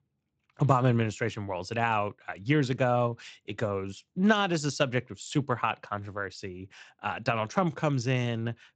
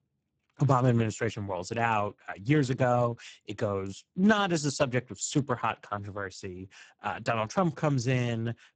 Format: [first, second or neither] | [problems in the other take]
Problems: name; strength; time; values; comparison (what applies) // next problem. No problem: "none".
first | garbled, watery; badly; nothing above 7.5 kHz; slightly in the first